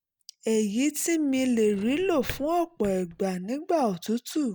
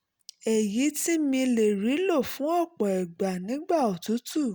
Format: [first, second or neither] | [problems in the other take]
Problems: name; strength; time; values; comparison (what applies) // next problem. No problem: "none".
second | noise reduction (neural mask model DeepFilterNet 3)